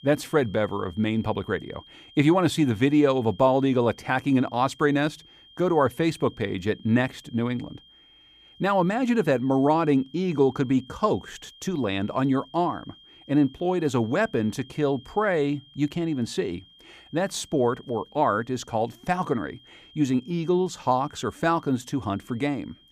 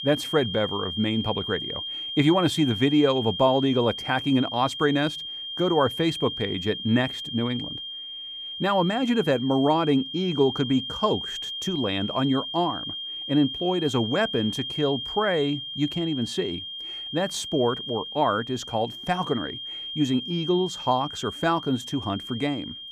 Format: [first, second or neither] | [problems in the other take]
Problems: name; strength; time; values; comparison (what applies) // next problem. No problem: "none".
first | high-pitched whine; loud; throughout; 3 kHz, 7 dB below the speech; faint in the first